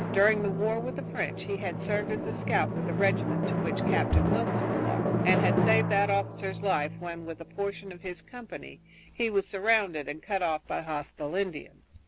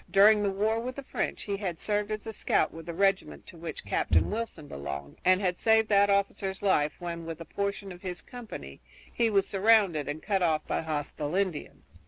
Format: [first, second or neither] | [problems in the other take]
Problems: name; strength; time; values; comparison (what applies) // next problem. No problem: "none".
second | background sound (Drum); 1 dB below the speech